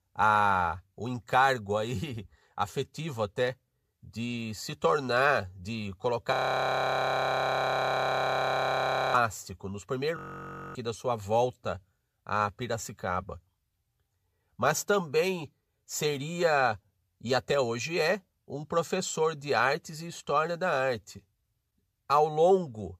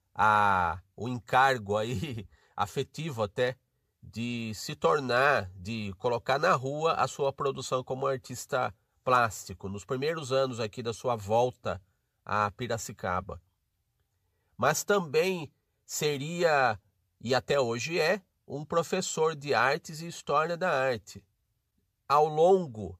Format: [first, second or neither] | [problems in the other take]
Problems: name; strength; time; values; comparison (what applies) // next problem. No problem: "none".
second | audio freezing; at 6.5 s for 3 s and at 10 s for 0.5 s